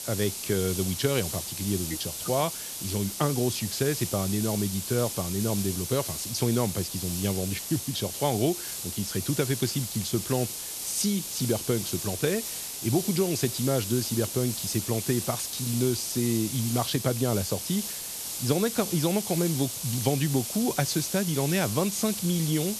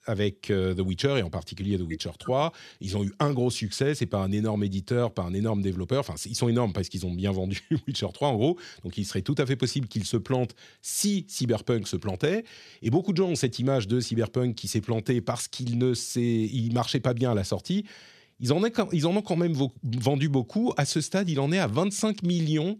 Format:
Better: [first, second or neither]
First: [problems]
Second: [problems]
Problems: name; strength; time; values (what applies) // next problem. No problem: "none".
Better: second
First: hiss; loud; throughout; 4 dB below the speech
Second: none